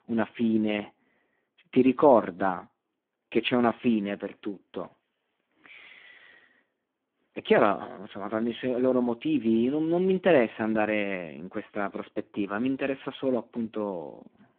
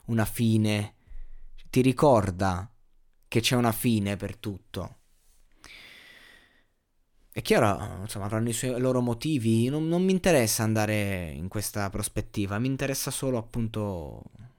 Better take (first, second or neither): second